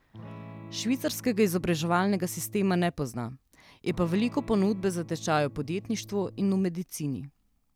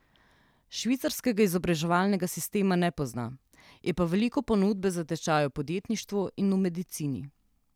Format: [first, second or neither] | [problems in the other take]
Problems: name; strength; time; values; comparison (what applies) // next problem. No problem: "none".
second | background sound (Electric guitar / Strum); 17 dB below the speech